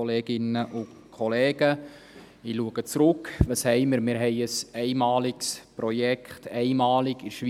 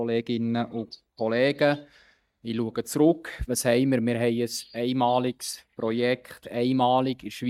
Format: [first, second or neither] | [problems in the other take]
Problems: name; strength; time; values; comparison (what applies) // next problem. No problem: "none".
first | noise reduction (neural mask model DeepFilterNet 3)